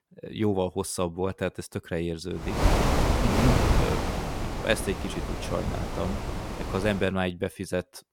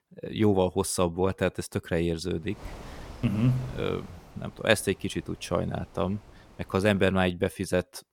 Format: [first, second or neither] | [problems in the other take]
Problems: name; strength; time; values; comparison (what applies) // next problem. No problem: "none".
second | wind noise on the microphone; heavy; from 2.5 to 7 s; 1 dB above the speech; occasional gusts in the second